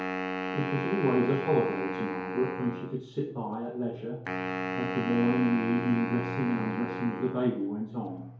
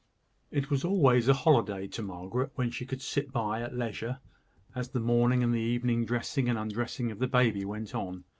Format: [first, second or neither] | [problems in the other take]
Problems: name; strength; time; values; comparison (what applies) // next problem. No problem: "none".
second | background sound (Wind instrument, woodwind instrument); 5 dB below the speech // room echo; dies away in 2.4 s